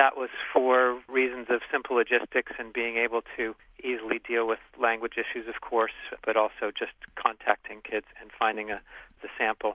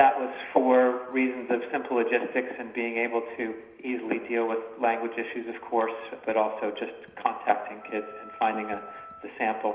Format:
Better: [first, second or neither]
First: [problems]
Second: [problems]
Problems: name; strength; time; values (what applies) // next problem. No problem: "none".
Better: first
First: none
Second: background sound (Wind instrument, woodwind instrument); 18 dB below the speech // room echo; dies away in 0.9 s